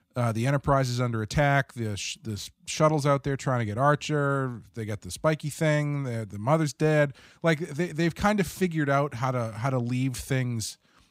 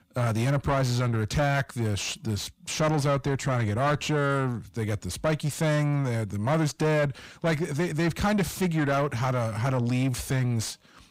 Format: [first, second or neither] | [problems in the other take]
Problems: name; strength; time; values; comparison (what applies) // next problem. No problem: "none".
first | distortion; heavy; 7 dB below the speech